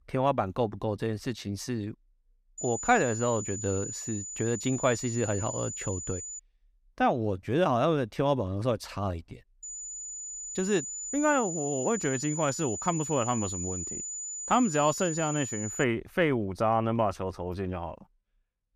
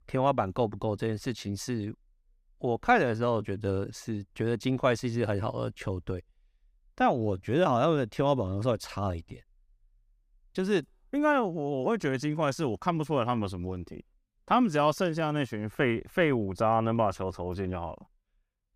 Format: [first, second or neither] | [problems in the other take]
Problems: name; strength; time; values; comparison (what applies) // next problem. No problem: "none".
second | high-pitched whine; loud; from 2.5 to 6.5 s and from 9.5 to 16 s; 7 kHz, 6 dB below the speech